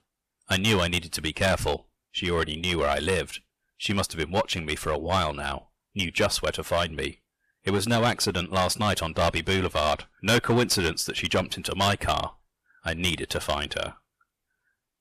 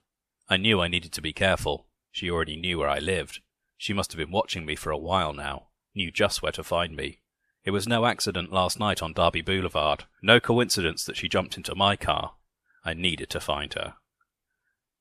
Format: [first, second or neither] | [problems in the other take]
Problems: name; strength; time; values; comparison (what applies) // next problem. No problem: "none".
second | distortion; heavy; 5% of the sound clipped